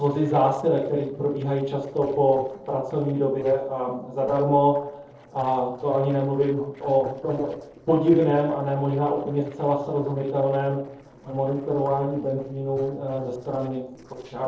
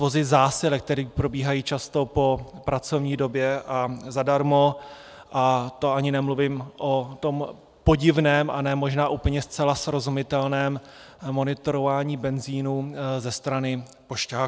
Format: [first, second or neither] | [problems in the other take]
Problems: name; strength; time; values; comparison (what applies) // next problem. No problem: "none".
second | noise reduction (neural separator model SepFormer DNS4)